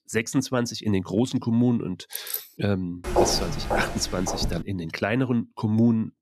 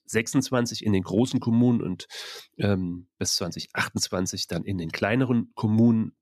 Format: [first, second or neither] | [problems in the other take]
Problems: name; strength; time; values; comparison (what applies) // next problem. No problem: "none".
second | jangling keys; noticeable; at 2 s; peak 6 dB below the speech // footsteps; loud; from 3 to 4.5 s; peak 2 dB above the speech